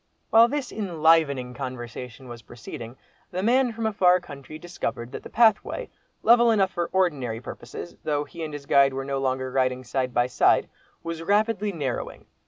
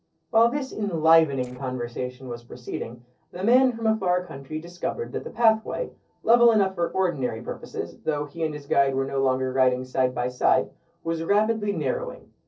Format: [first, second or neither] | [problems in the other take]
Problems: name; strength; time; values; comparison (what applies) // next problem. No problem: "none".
first | noise reduction (neural separator model SepFormer DNS4)